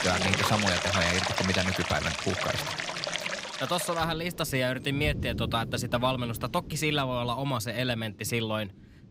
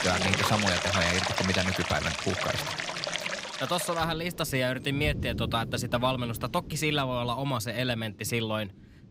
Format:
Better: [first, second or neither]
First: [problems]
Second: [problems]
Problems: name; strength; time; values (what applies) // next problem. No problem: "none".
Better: neither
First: rain or running water; loud; throughout; 1 dB below the speech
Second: rain or running water; loud; throughout; 1 dB below the speech